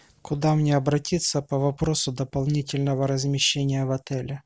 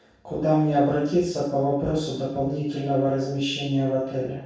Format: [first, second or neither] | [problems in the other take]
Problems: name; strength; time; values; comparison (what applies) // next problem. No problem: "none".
first | room echo; dies away in 0.7 s